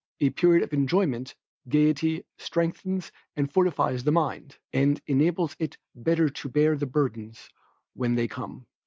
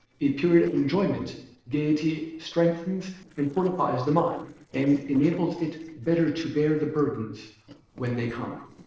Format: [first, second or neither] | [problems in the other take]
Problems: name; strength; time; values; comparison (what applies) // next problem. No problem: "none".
first | noise reduction (neural separator model SepFormer DNS4)